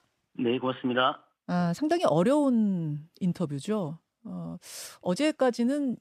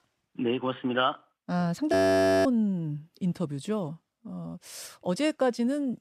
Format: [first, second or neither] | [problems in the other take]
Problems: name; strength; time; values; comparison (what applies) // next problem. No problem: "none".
first | audio freezing; at 2 s for 0.5 s